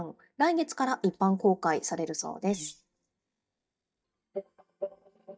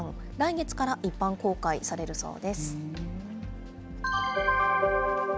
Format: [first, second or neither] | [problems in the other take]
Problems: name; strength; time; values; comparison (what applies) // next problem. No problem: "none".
second | noise reduction (neural mask model DeepFilterNet 3)